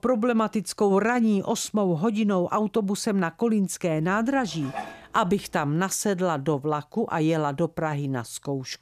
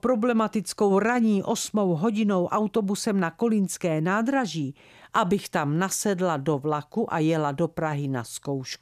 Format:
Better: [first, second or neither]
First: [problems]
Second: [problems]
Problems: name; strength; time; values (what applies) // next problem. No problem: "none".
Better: second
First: clattering dishes; faint; at 4.5 s; peak 10 dB below the speech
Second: none